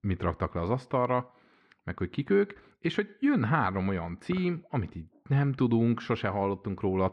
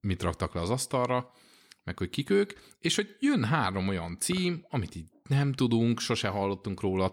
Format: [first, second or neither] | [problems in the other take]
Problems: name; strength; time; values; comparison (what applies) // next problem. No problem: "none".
second | muffled; very; fading above 1.5 kHz